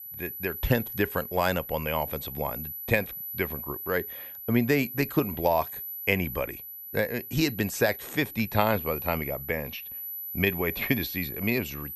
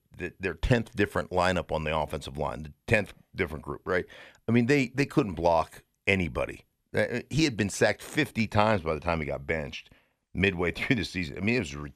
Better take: second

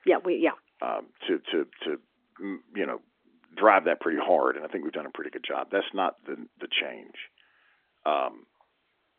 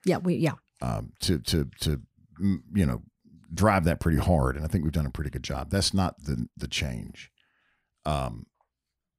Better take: second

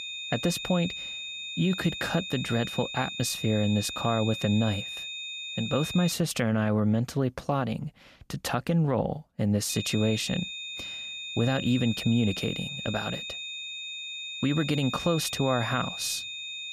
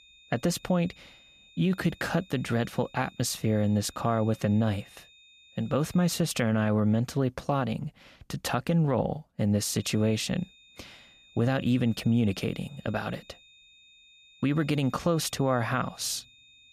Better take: second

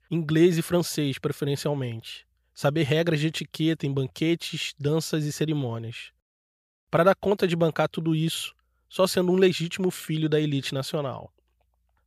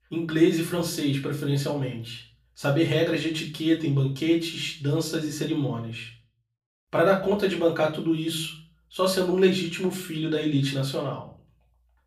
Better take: first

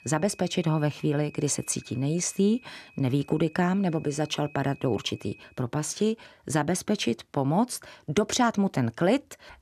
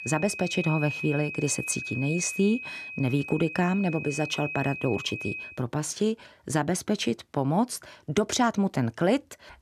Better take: first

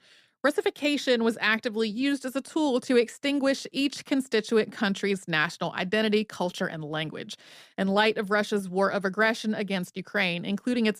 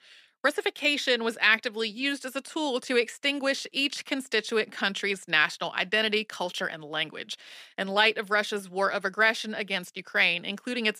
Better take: first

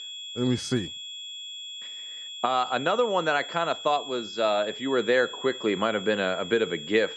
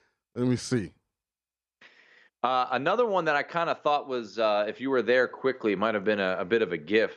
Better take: second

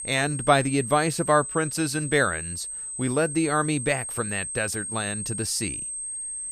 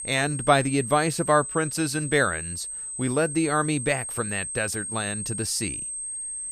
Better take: neither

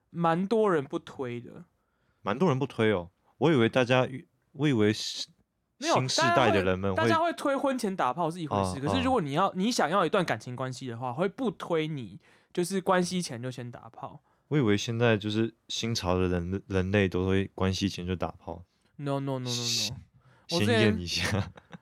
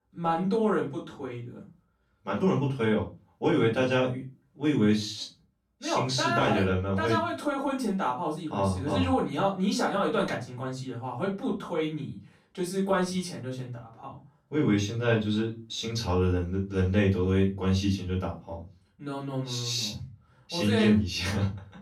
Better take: first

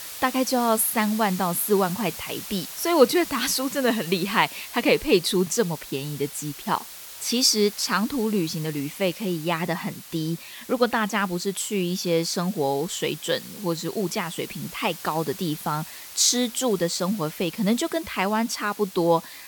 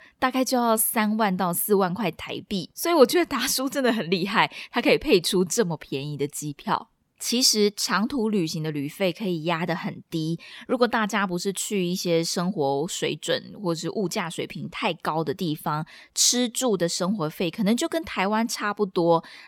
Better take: second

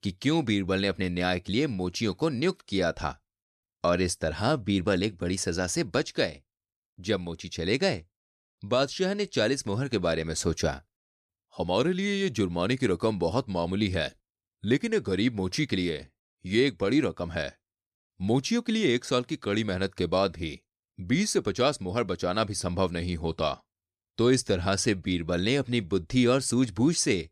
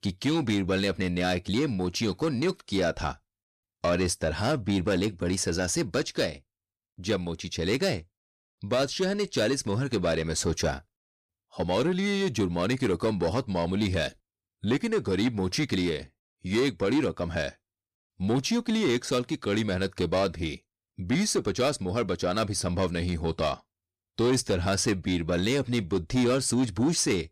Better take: first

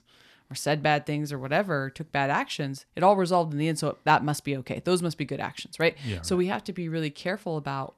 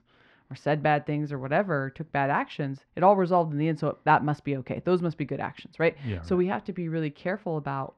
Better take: first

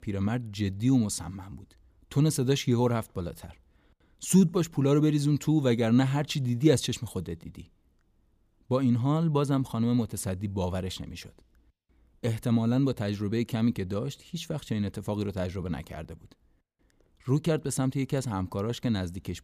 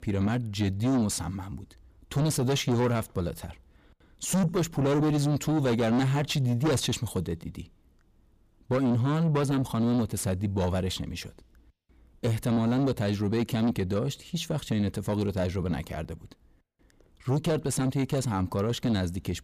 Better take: first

